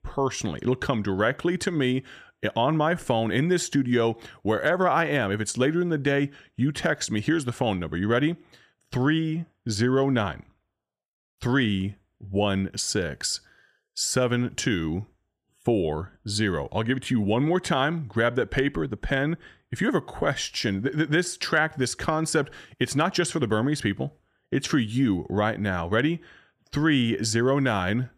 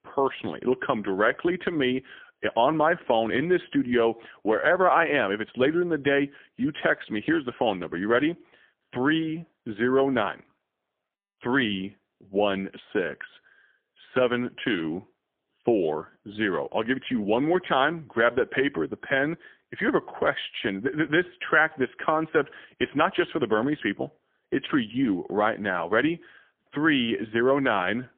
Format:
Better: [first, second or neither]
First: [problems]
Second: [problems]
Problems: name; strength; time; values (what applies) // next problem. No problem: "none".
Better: first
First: none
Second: phone-call audio; poor line; nothing above 3.5 kHz